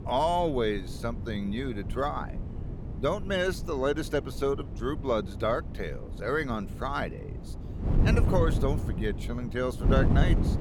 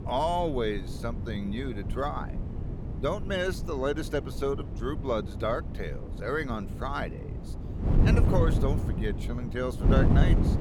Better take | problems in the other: first | wind noise on the microphone; heavy; 8 dB below the speech; occasional gusts in the first

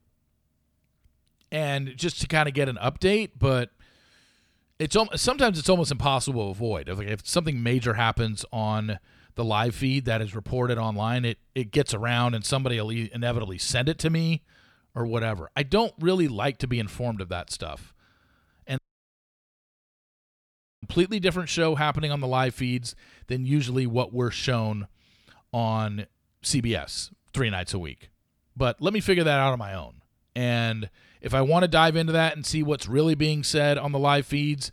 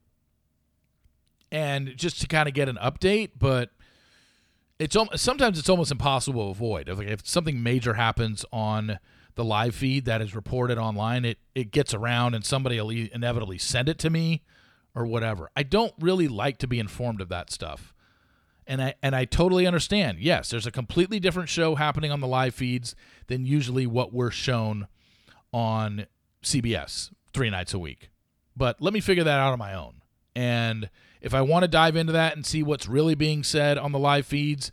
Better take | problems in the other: second | audio cutting out; at 19 s for 2 s

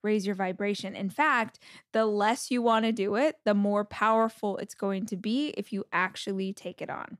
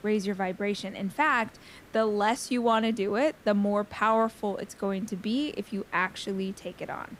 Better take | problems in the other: first | hiss; faint; throughout; 25 dB below the speech

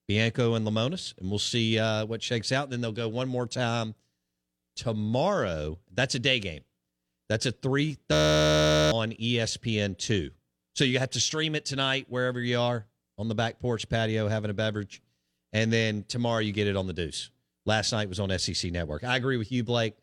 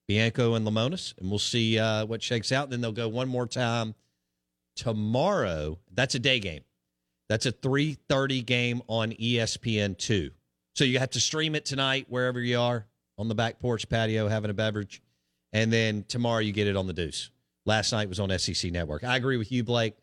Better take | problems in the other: second | audio freezing; at 8 s for 1 s

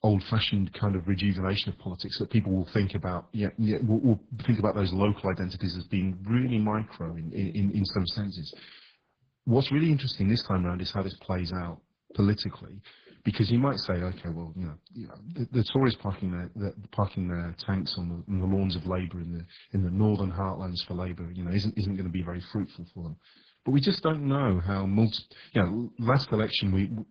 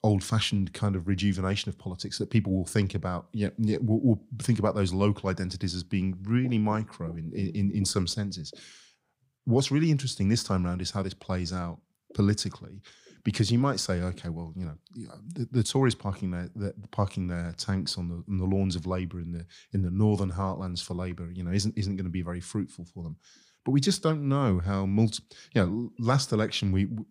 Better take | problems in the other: second | garbled, watery; badly

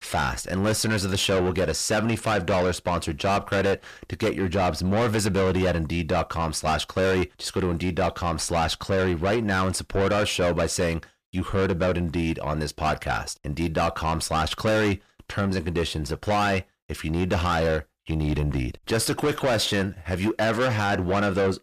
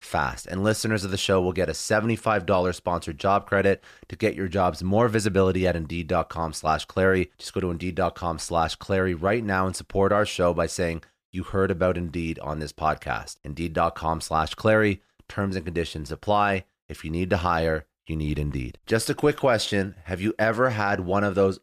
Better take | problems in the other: second | distortion; heavy; 7 dB below the speech

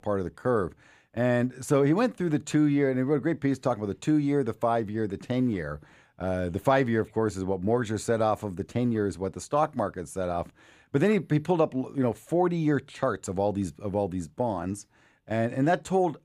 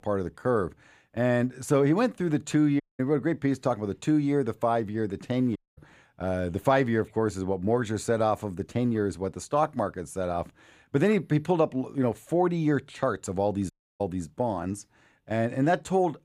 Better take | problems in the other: first | audio cutting out; at 3 s, at 5.5 s and at 14 s

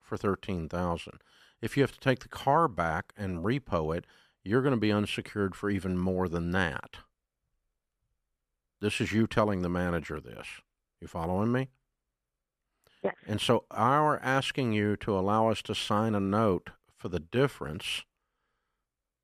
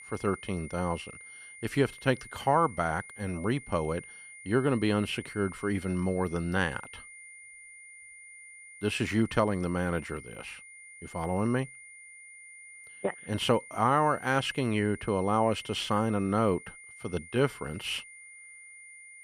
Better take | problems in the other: first | high-pitched whine; noticeable; throughout; 2 kHz, 15 dB below the speech

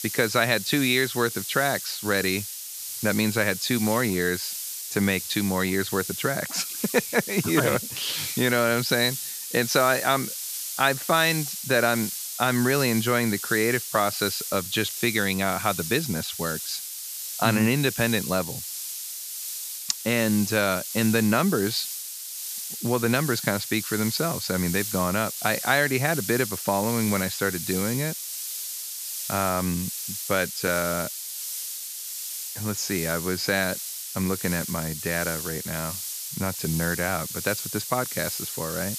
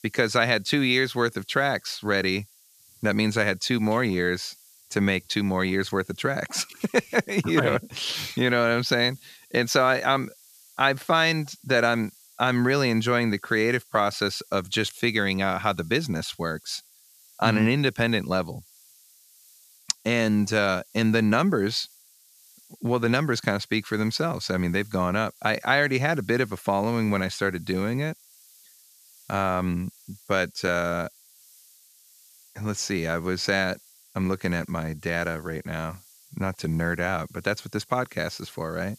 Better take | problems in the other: second | hiss; loud; throughout; 6 dB below the speech; faint in the second

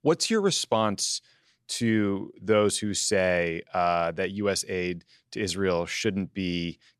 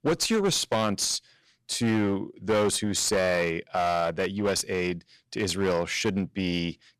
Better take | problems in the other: first | distortion; slight; 11% of the sound clipped

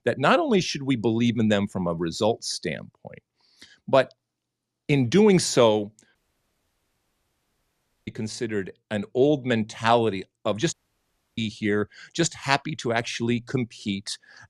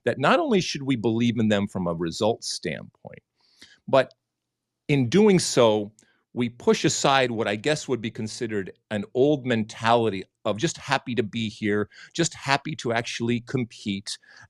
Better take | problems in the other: second | audio cutting out; at 6 s for 2 s and at 11 s for 0.5 s

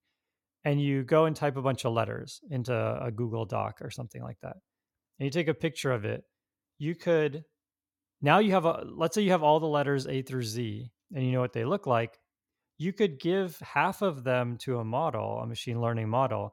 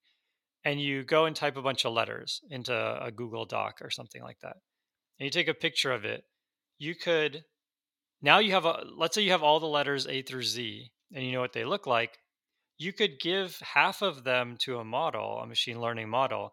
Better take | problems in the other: first | thin; very slightly; fading below 400 Hz

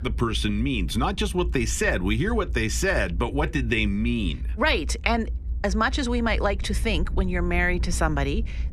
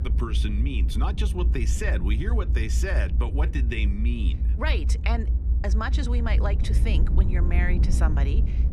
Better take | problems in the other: first | low rumble; loud; throughout; 9 dB below the speech; faint in the first

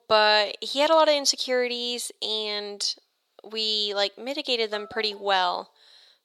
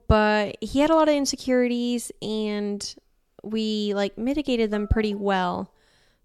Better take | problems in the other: second | thin; very; fading below 650 Hz

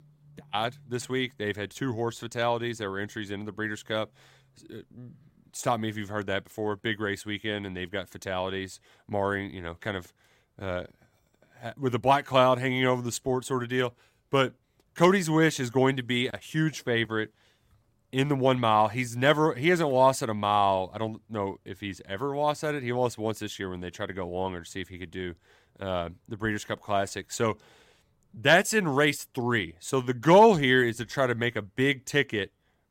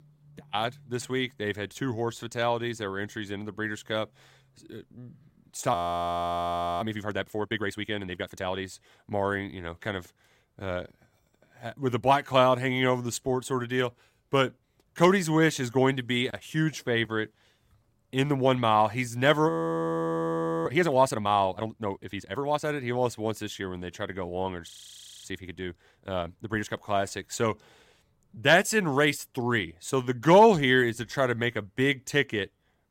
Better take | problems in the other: first | audio freezing; at 5.5 s for 1 s, at 19 s for 1 s and at 25 s for 0.5 s

